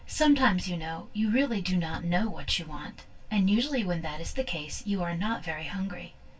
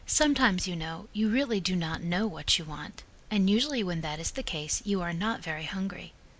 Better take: second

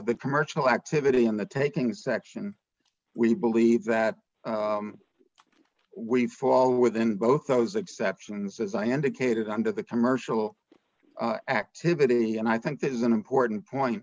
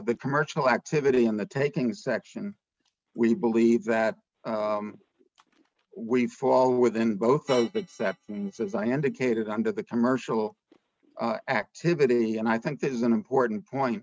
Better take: first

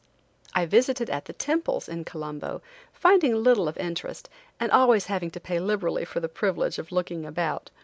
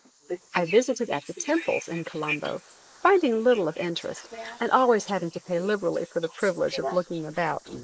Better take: first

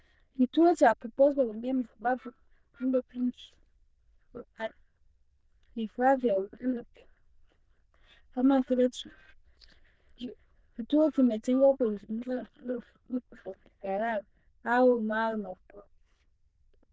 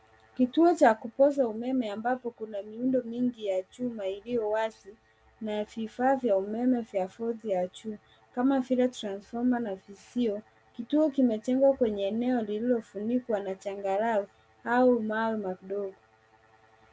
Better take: second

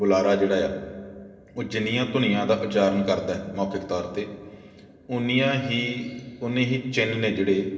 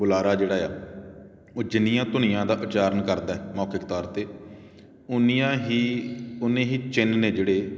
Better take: second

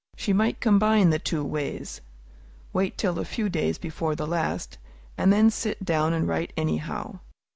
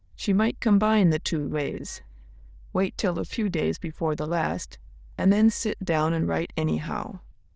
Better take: first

